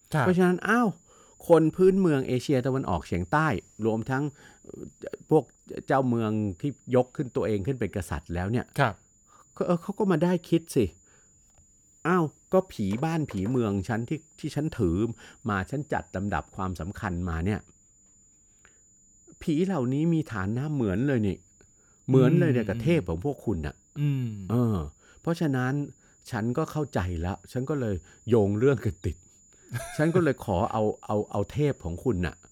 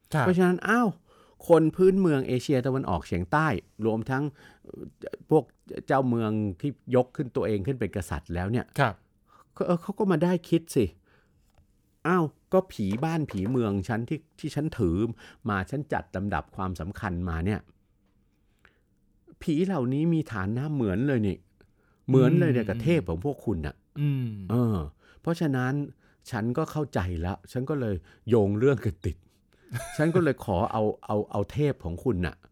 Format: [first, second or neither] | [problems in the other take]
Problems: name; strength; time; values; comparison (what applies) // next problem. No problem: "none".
second | high-pitched whine; faint; throughout; 7 kHz, 30 dB below the speech